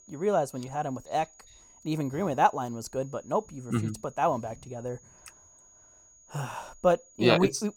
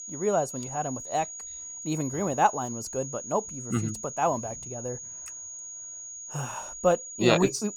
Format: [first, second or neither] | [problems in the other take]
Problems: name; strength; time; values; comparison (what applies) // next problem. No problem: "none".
first | high-pitched whine; loud; throughout; 6.5 kHz, 9 dB below the speech; faint in the first